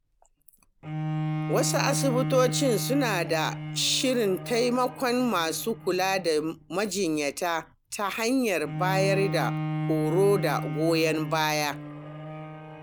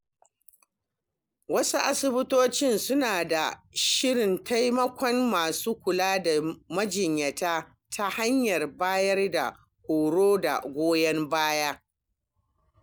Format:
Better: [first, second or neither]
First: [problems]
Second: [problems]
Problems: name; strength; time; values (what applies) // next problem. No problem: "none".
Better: second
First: background sound (Bowed string instrument); 6 dB below the speech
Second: none